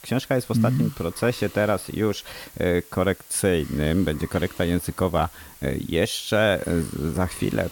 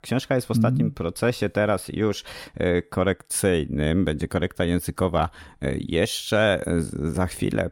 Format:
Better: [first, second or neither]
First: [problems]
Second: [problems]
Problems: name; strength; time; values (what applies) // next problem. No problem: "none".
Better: second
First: hiss; noticeable; throughout; 20 dB below the speech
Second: none